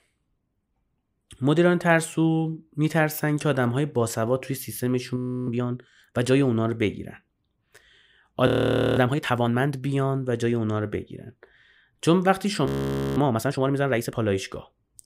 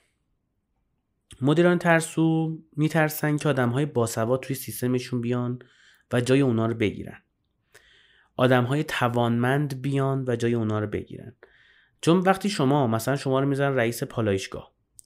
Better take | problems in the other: second | audio freezing; at 5 s, at 8.5 s and at 13 s for 0.5 s

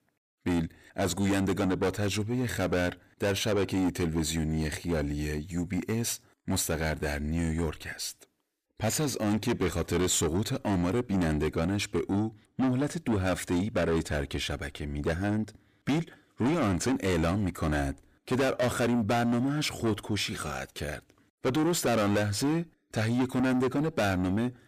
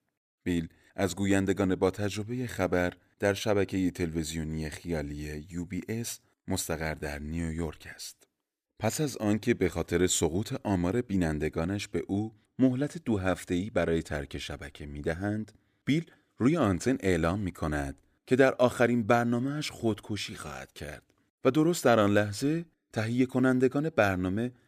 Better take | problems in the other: second | distortion; heavy; 6 dB below the speech

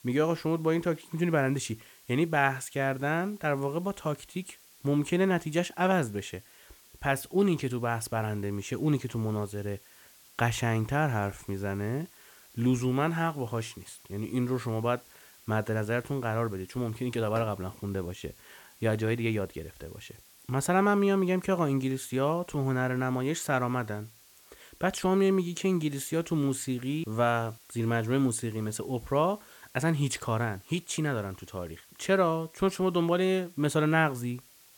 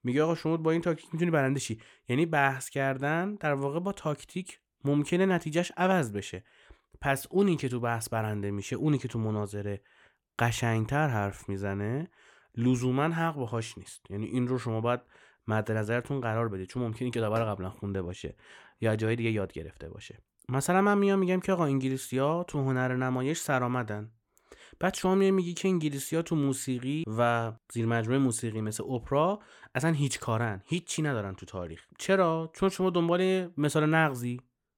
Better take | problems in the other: second | hiss; faint; throughout; 25 dB below the speech

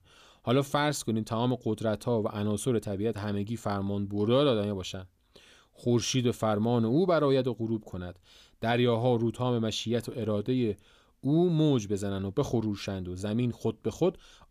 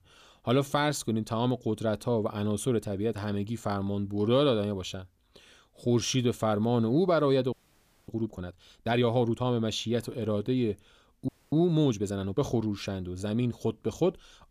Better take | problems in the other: first | audio freezing; at 7.5 s for 0.5 s and at 11 s

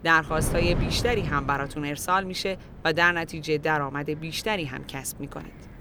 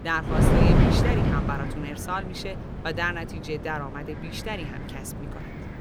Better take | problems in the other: first | wind noise on the microphone; heavy; as loud as the speech; occasional gusts in the first

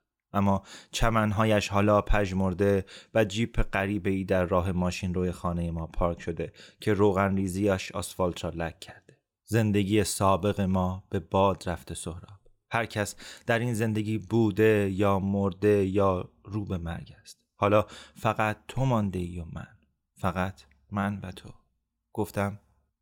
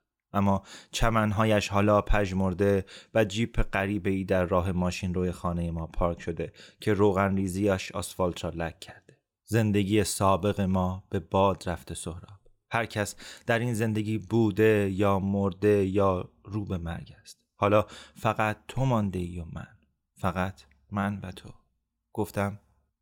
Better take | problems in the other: neither | none

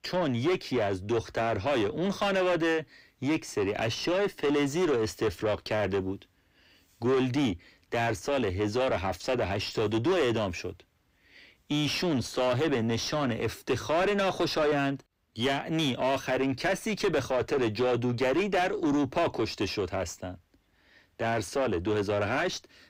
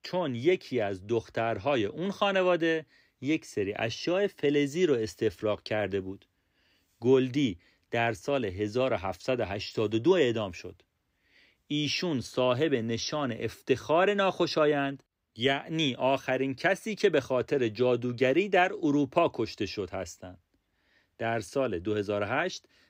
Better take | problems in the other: second | distortion; heavy; 7 dB below the speech

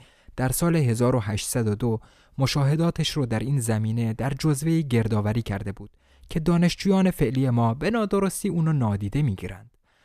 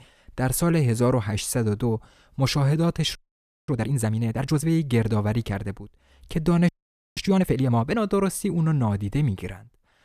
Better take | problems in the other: first | audio freezing; at 3 s for 0.5 s and at 6.5 s

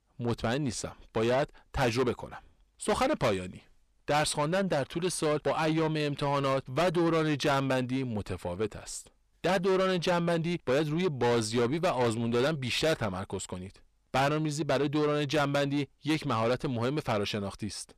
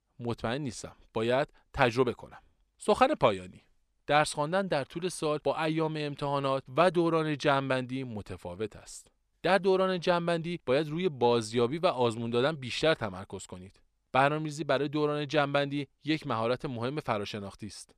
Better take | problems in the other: second | distortion; heavy; 7 dB below the speech

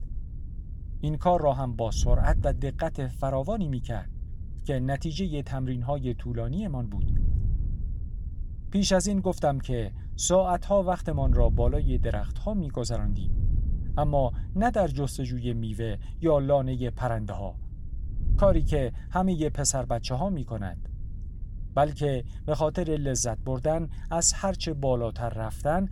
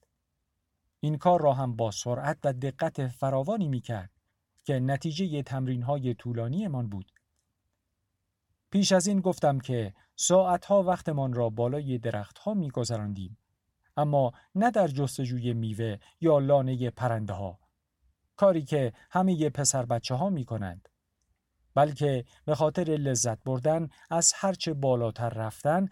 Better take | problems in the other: second | wind noise on the microphone; occasional gusts; 25 dB below the speech

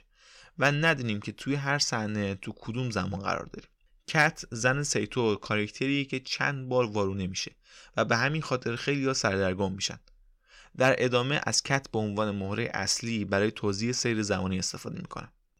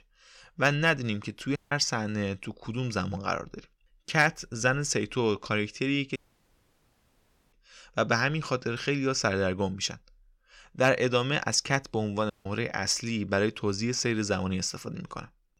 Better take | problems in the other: first | audio cutting out; at 1.5 s, at 6 s for 1.5 s and at 12 s

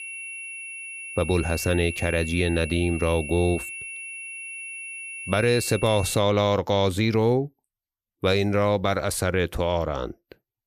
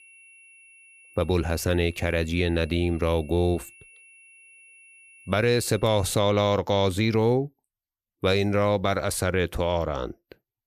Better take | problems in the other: second | high-pitched whine; loud; until 6 s; 2.5 kHz, 10 dB below the speech; faint in the second

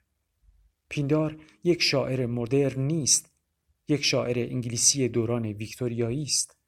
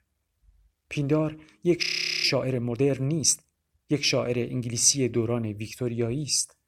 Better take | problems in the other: first | audio freezing; at 2 s

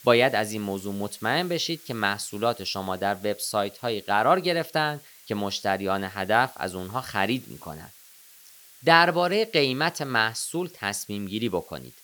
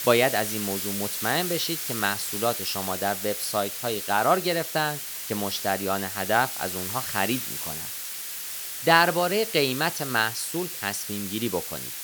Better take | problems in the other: first | hiss; loud; throughout; 4 dB below the speech; faint in the first

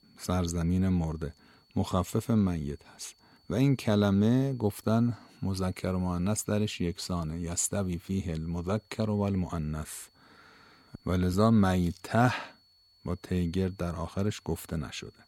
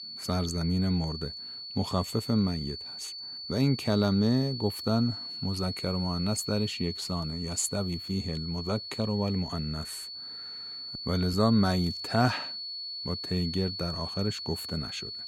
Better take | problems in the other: first | high-pitched whine; loud; throughout; 4.5 kHz, 6 dB below the speech; faint in the first

